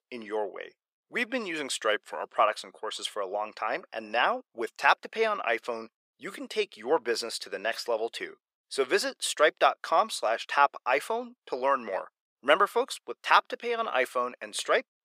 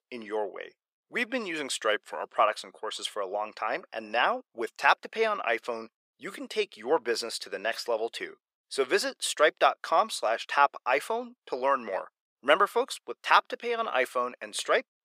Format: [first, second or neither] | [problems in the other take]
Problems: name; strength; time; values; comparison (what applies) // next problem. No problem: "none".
neither | thin; very; fading below 450 Hz; the same in both